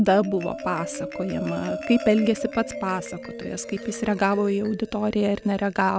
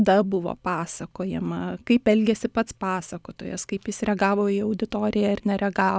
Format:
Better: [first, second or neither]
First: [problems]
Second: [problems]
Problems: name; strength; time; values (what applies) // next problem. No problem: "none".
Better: second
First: background sound (Marimba, xylophone); 11 dB below the speech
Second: none